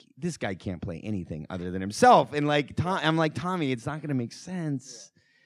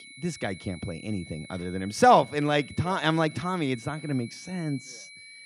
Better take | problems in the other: first | high-pitched whine; noticeable; throughout; 2 kHz, 20 dB below the speech

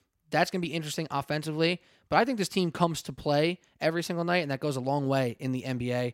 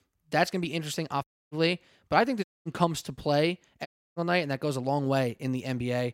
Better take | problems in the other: first | audio cutting out; at 1 s, at 2.5 s and at 4 s

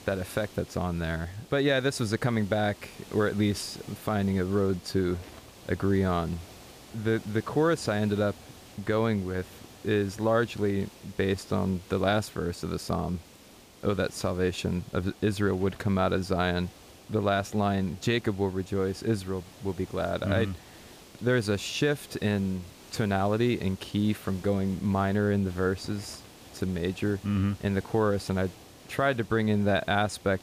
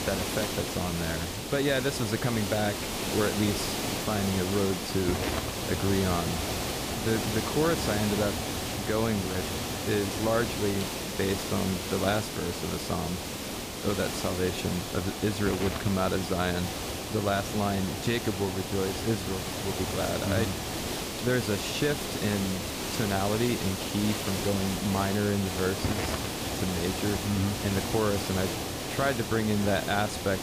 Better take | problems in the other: first | hiss; loud; throughout; 2 dB below the speech; faint in the first

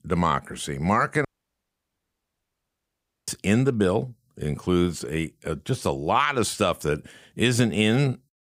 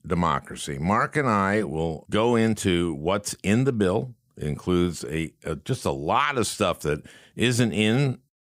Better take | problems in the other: second | audio cutting out; at 1.5 s for 2 s

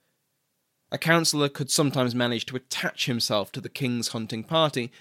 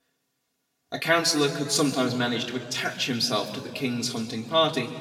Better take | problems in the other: first | room echo; slight; dies away in 1.6 s // off-mic speech; somewhat distant

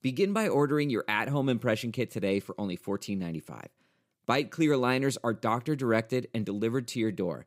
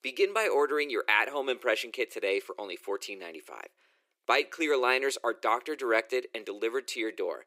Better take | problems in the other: first | thin; very; fading below 350 Hz

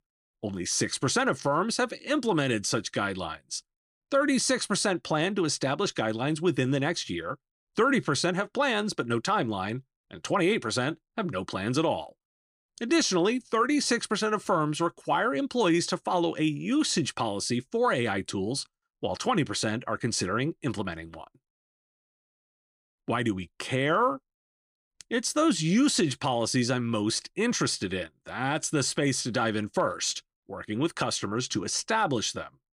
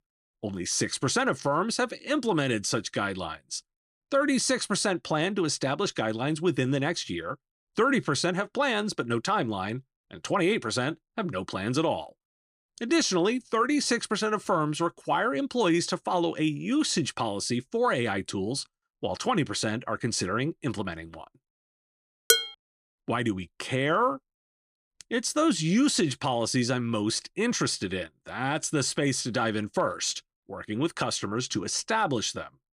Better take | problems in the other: first | clattering dishes; loud; at 22 s; peak 5 dB above the speech

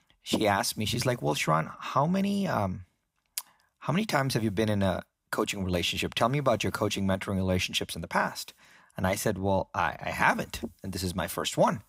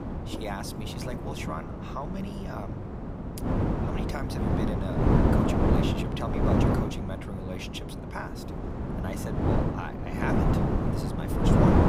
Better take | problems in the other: first | wind noise on the microphone; heavy; 5 dB above the speech

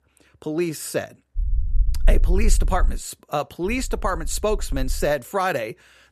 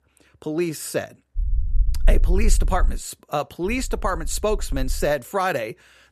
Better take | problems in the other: neither | low rumble; faint; from 1.5 to 3 s and from 3.5 to 5 s; 25 dB below the speech; the same in both

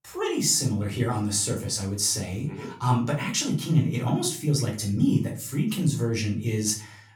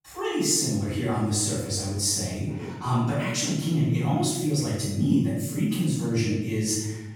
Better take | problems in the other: first | room echo; strong; dies away in 1 s; slight in the first // off-mic speech; far; far in the first

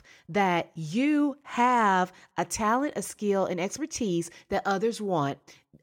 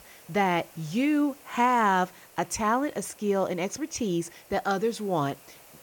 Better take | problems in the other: first | hiss; faint; throughout; 25 dB below the speech

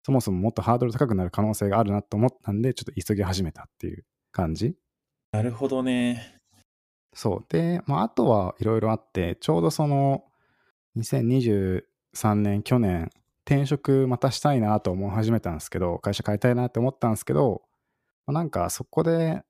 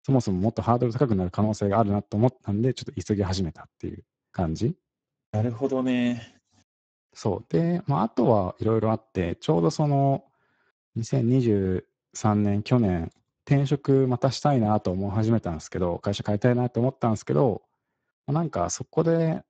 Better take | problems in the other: first | garbled, watery; badly; nothing above 7.5 kHz

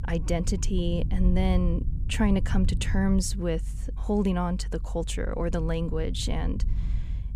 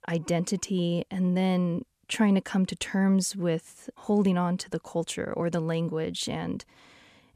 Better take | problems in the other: second | low rumble; noticeable; throughout; 15 dB below the speech

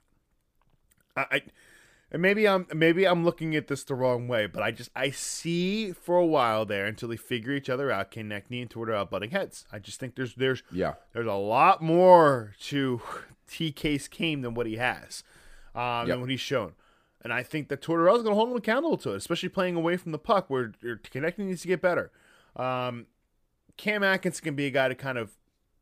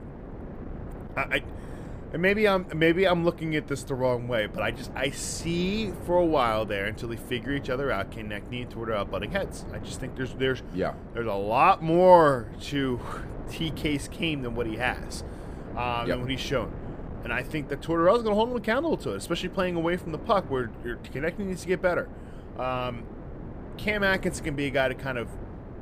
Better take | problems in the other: first | wind noise on the microphone; occasional gusts; 20 dB below the speech

